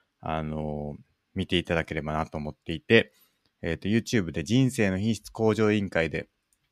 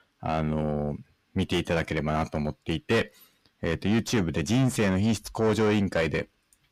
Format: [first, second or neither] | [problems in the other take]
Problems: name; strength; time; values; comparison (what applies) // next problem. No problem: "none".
first | distortion; heavy; 6 dB below the speech